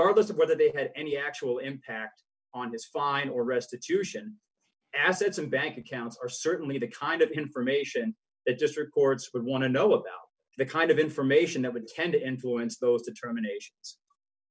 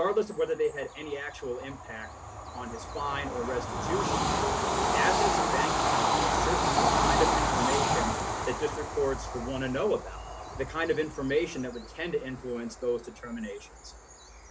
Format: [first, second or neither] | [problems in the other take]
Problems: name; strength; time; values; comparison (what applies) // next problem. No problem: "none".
first | background sound (Train / Bird vocalization, bird call, bird song); 3 dB above the speech